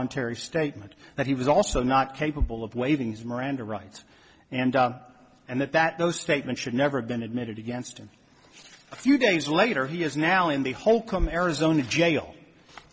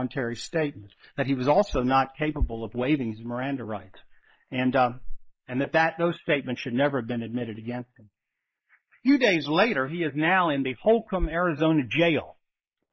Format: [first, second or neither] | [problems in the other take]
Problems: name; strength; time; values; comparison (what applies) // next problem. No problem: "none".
first | noise reduction (neural mask model Resemble Enhance denoiser)